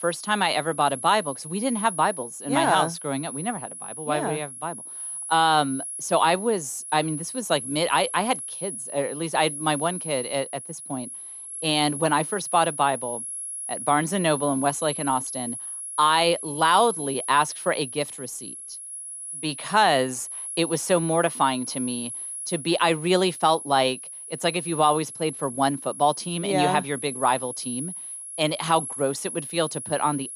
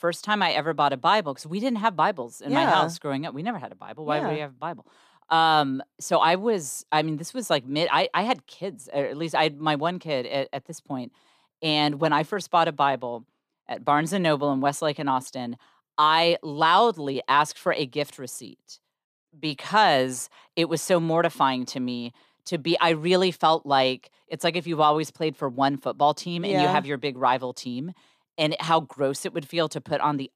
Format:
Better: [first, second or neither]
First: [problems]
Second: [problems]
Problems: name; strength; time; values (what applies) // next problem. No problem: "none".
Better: second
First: high-pitched whine; loud; throughout; 10.5 kHz, 8 dB below the speech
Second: none